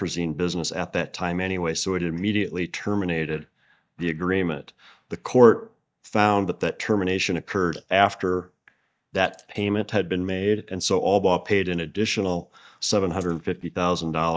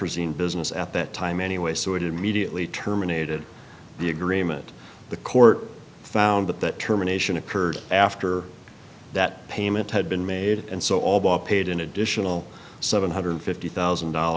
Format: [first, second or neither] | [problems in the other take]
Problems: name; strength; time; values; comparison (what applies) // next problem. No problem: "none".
second | noise reduction (neural mask model DeepFilterNet 3)